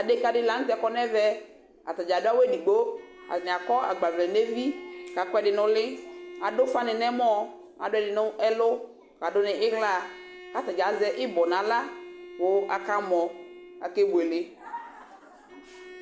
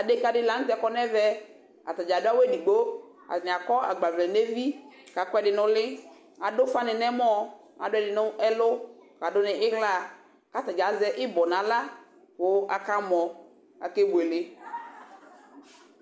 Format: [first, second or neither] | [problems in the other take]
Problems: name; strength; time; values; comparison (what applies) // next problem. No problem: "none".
second | background sound (Bowed string instrument); 17 dB below the speech